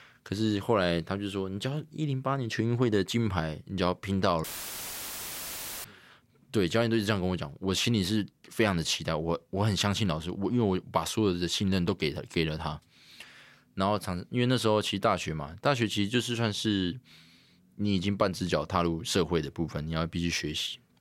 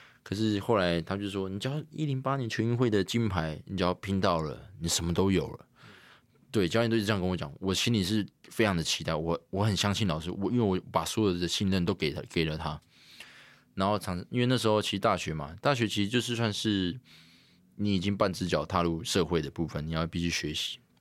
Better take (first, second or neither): second